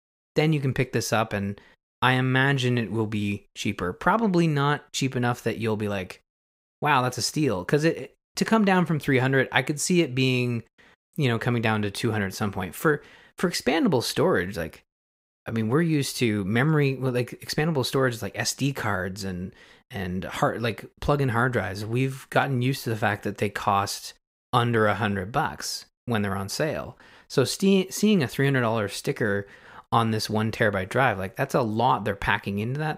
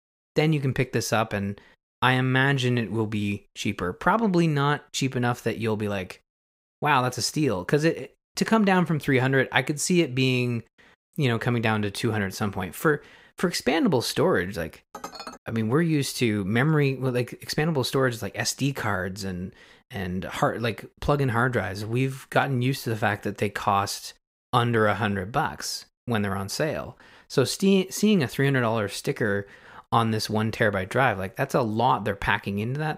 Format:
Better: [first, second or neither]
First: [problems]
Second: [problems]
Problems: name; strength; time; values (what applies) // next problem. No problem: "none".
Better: first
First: none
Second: clattering dishes; faint; at 15 s; peak 15 dB below the speech